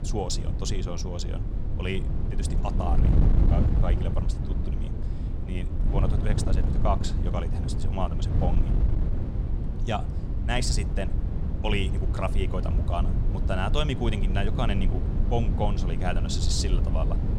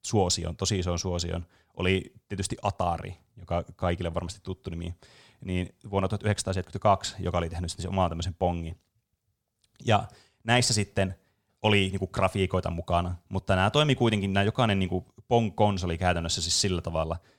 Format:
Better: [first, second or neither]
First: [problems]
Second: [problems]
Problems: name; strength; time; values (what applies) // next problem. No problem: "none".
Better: second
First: wind noise on the microphone; heavy; 7 dB below the speech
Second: none